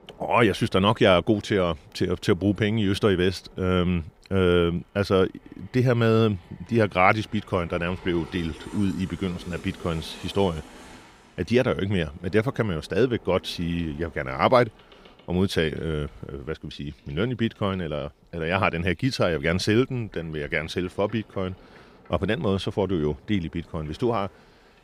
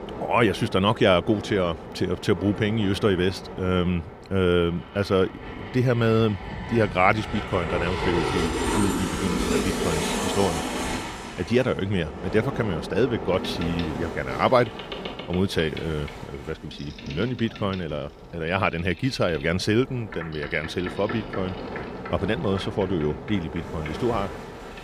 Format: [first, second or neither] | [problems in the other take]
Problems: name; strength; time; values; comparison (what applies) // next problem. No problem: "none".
first | train or aircraft noise; loud; throughout; 7 dB below the speech; faint in the first